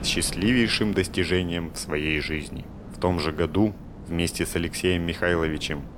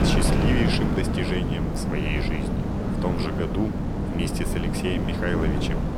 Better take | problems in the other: first | wind noise on the microphone; heavy; as loud as the speech; occasional gusts in the first

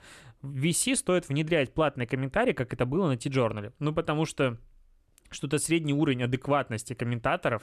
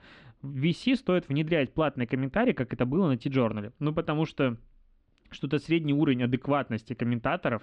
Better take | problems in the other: first | muffled; slightly; fading above 4 kHz

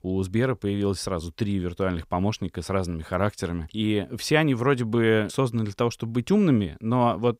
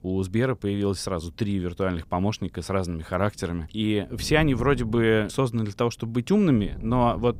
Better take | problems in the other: first | wind noise on the microphone; occasional gusts; 20 dB below the speech

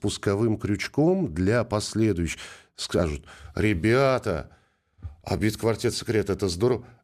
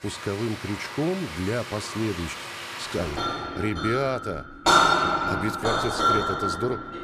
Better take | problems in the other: first | household noises; very loud; throughout; 4 dB above the speech

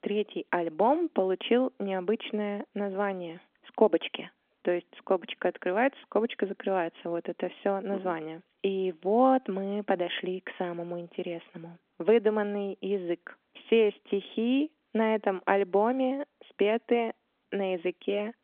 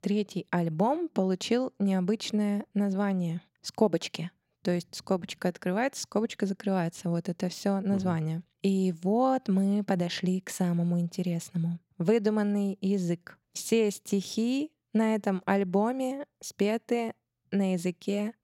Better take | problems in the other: second | phone-call audio; nothing above 3.5 kHz

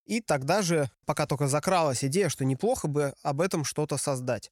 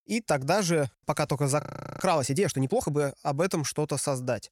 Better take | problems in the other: first | audio freezing; at 1.5 s

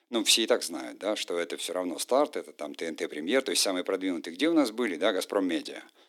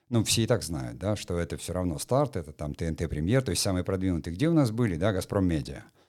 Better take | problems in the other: second | thin; somewhat; fading below 250 Hz

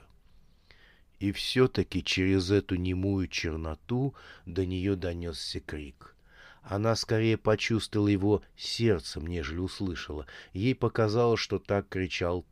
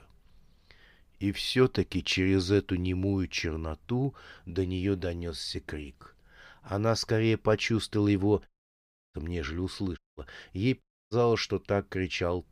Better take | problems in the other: first | audio cutting out; at 8.5 s for 0.5 s, at 10 s and at 11 s

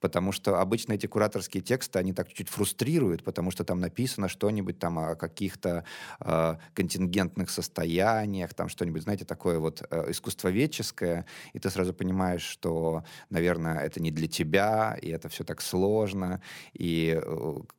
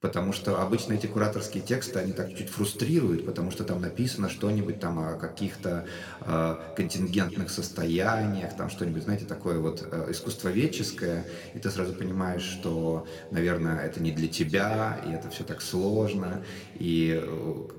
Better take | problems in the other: first | room echo; slight; dies away in 1.5 s

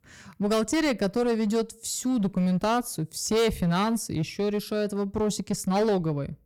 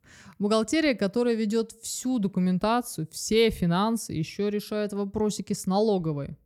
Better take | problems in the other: second | distortion; slight; 12% of the sound clipped

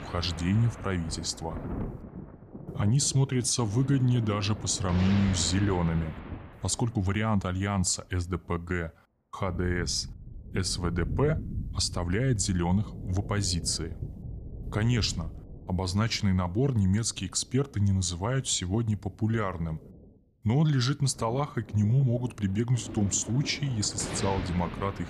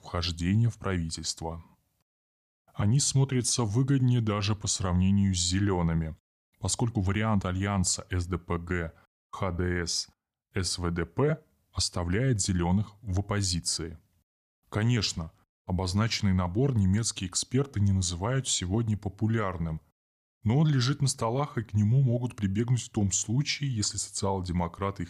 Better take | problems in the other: second | rain or running water; noticeable; throughout; 10 dB below the speech

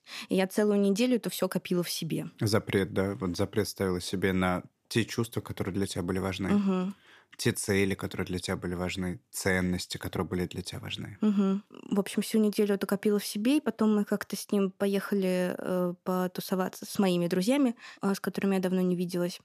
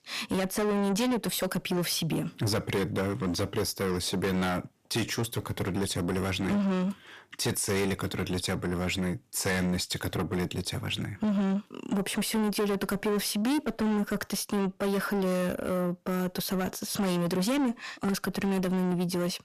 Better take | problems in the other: first | distortion; heavy; 6 dB below the speech

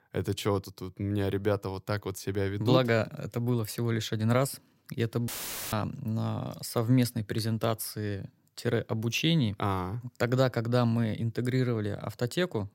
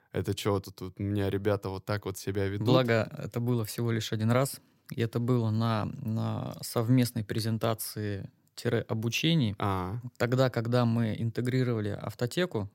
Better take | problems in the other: second | audio cutting out; filled with static; at 5.5 s

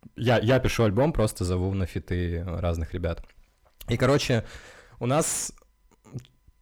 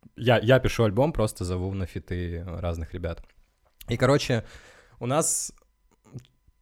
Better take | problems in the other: second | distortion; slight; 10 dB below the speech

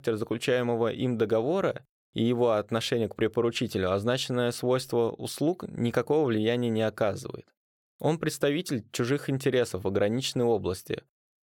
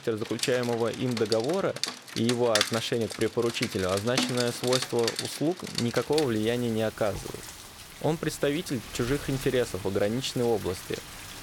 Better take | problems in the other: first | rain or running water; loud; throughout; 6 dB below the speech

